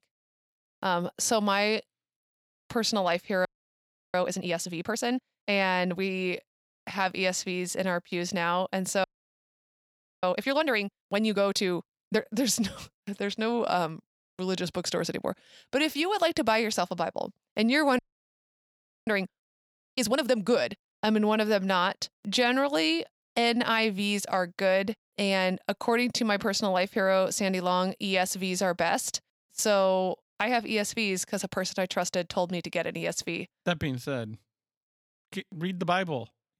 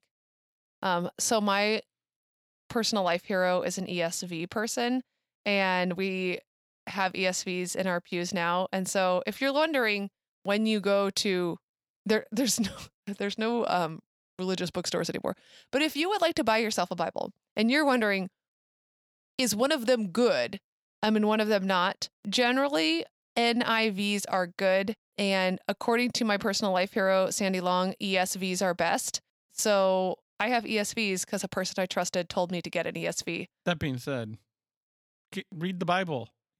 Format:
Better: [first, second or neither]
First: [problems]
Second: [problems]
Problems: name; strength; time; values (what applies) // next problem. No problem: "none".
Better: second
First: audio freezing; at 3.5 s for 0.5 s, at 9 s for 1 s and at 18 s for 1 s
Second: none